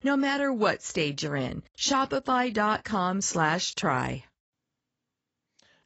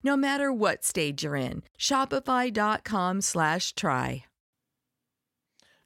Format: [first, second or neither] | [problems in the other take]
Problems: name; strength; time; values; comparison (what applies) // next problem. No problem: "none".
second | garbled, watery; badly; nothing above 7.5 kHz